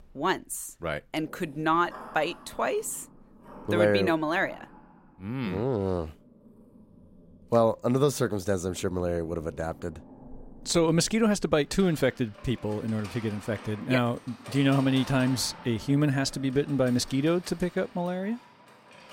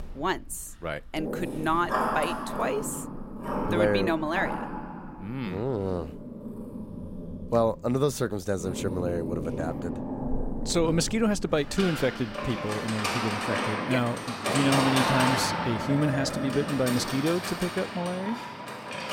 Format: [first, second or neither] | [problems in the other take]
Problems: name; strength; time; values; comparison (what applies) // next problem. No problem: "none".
first | animal sounds; loud; throughout; 3 dB below the speech; faint in the first